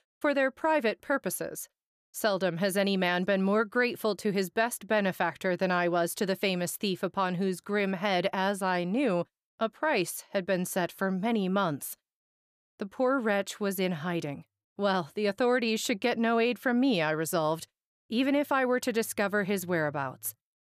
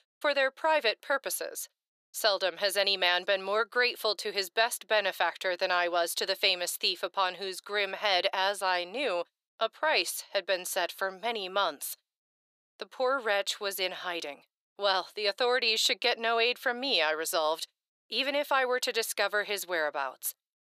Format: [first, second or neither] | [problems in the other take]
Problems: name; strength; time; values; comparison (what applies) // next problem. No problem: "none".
first | thin; very; fading below 500 Hz